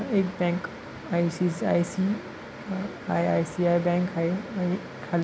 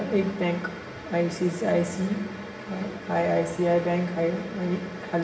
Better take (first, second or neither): first